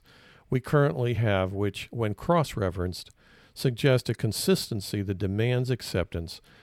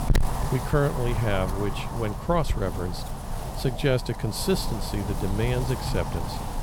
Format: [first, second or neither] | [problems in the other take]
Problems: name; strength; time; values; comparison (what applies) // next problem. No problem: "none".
first | wind noise on the microphone; heavy; 5 dB below the speech